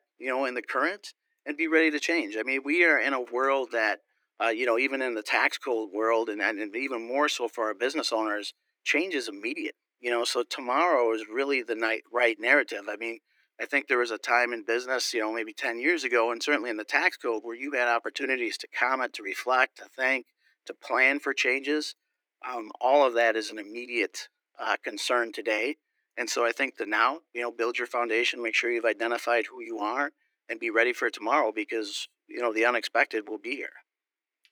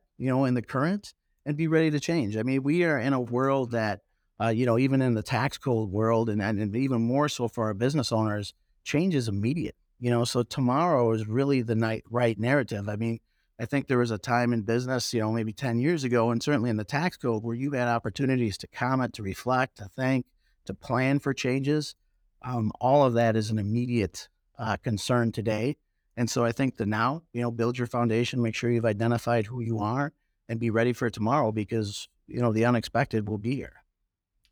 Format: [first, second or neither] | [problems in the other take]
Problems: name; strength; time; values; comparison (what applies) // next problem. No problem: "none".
second | thin; very; fading below 300 Hz